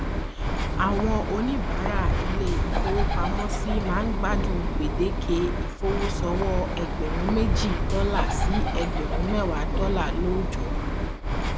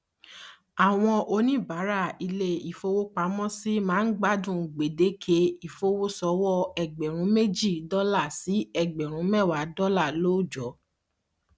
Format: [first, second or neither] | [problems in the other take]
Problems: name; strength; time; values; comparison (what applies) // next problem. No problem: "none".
second | background sound (Bird); 4 dB above the speech